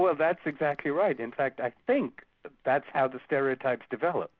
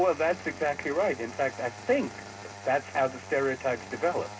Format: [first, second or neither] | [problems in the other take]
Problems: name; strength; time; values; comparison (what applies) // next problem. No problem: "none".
first | background sound (Engine starting); 14 dB below the speech // room echo; dies away in 0.2 s